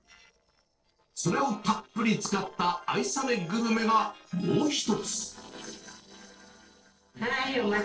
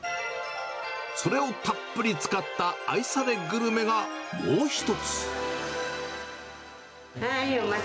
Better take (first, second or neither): second